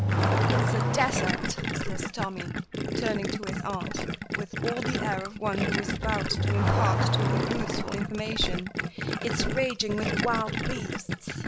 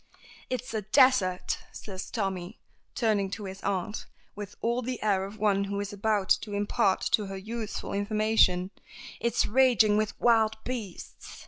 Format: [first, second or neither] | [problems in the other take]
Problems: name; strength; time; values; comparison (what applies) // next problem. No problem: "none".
second | background sound (Accelerating, revving, vroom / Car + Gurgling); 4 dB above the speech